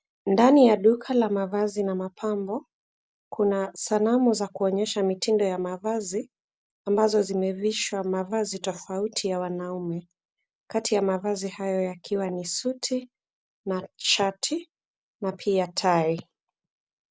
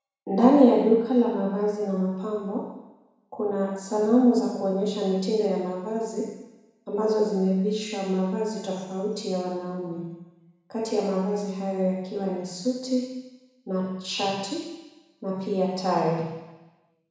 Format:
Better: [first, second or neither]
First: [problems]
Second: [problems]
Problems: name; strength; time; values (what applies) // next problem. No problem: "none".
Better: first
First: none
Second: room echo; dies away in 1.1 s